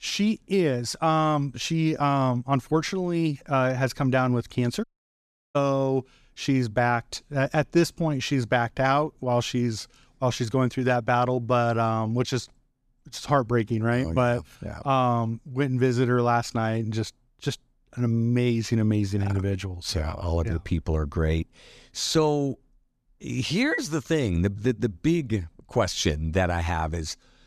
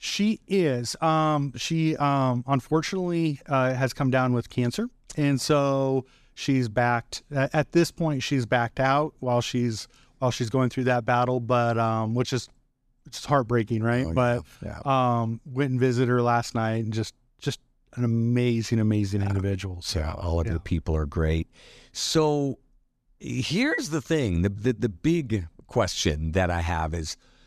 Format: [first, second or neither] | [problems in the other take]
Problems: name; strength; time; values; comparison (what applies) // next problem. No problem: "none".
second | audio cutting out; at 5 s for 0.5 s